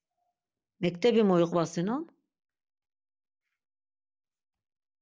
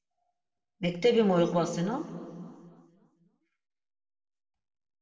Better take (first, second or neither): first